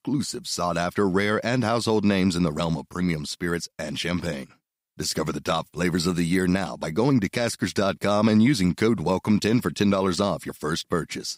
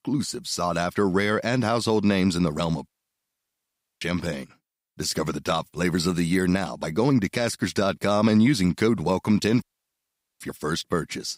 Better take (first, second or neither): first